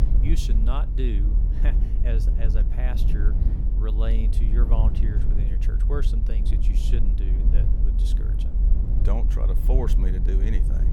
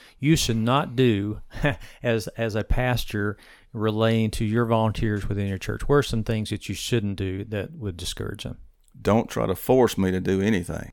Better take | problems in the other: second | low rumble; loud; throughout; 4 dB below the speech

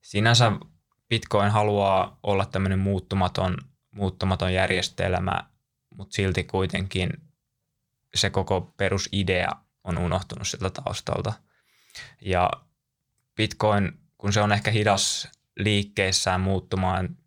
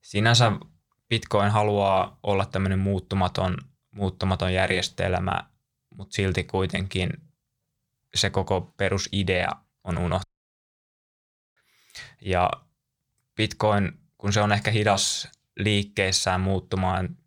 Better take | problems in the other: first | audio cutting out; at 10 s for 1.5 s

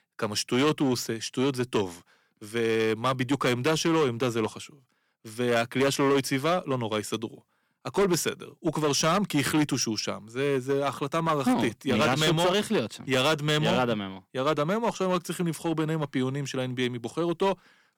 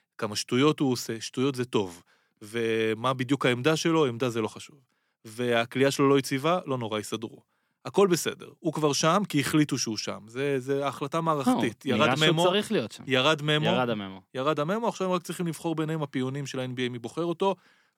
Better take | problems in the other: second | distortion; slight; 7% of the sound clipped

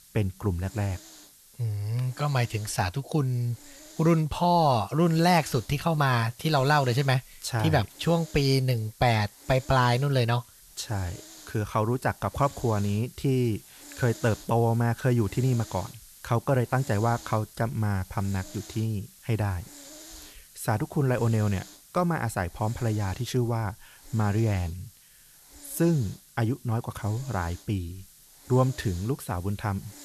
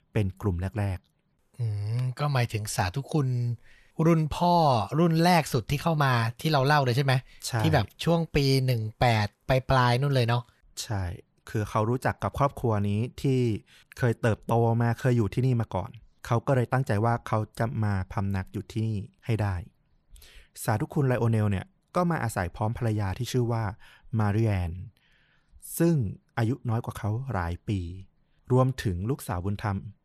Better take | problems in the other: second | hiss; noticeable; throughout; 20 dB below the speech

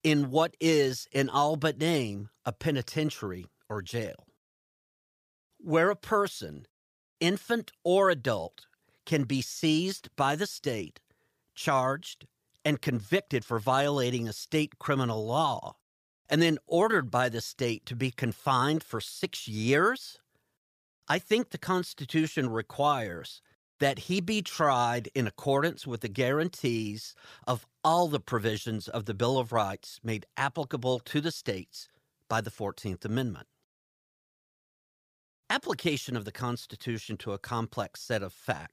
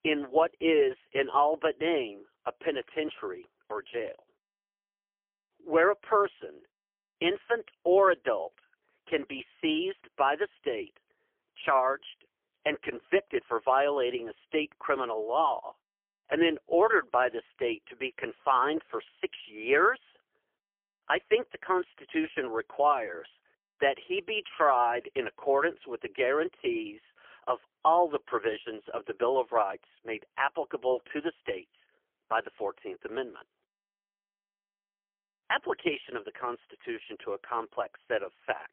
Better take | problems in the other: first | phone-call audio; poor line; nothing above 3 kHz

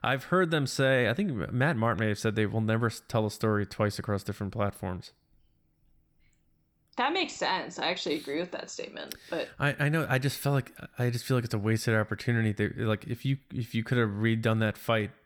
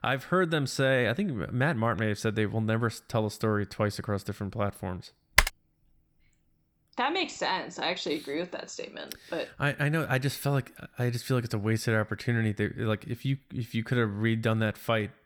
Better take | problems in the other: first | keyboard typing; loud; at 5.5 s; peak 5 dB above the speech

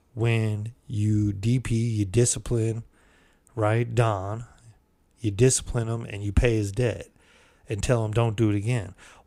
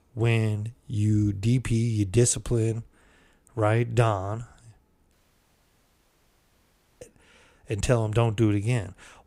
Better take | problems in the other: first | audio cutting out; at 5 s for 2 s

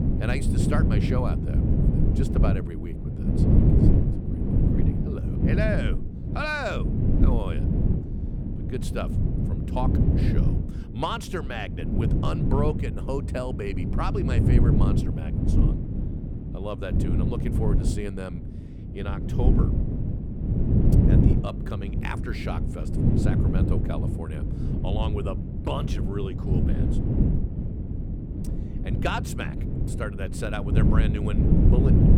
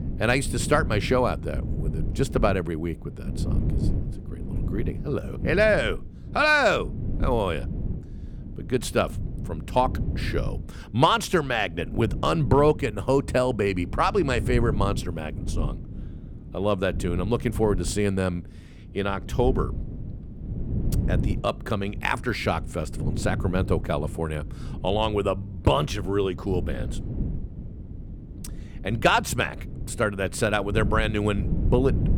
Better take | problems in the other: second | wind noise on the microphone; heavy; 1 dB below the speech; occasional gusts in the second

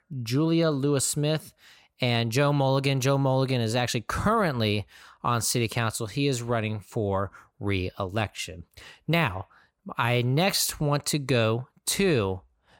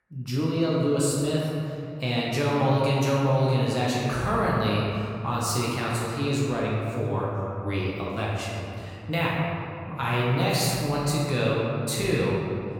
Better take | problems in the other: first | room echo; strong; dies away in 2.6 s // off-mic speech; far

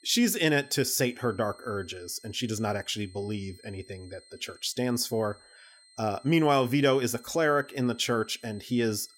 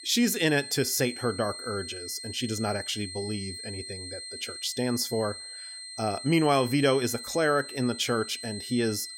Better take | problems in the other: first | high-pitched whine; loud; throughout; 4 kHz, 10 dB below the speech; faint in the first

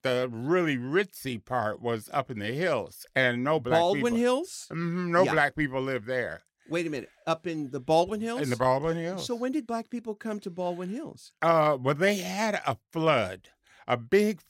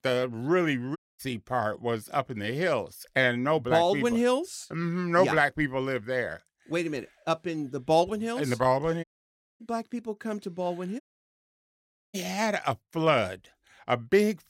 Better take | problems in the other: first | audio cutting out; at 1 s, at 9 s for 0.5 s and at 11 s for 1 s

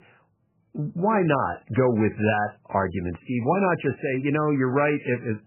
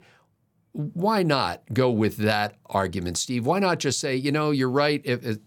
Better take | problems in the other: second | garbled, watery; badly; nothing above 3 kHz

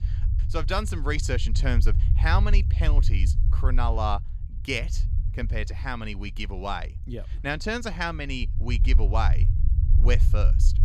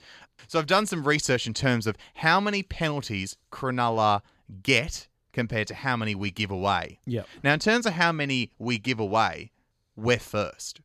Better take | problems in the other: second | low rumble; noticeable; throughout; 15 dB below the speech

